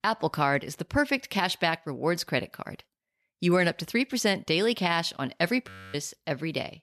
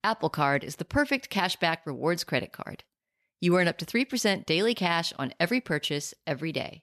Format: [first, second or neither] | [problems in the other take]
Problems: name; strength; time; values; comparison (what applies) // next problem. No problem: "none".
second | audio freezing; at 5.5 s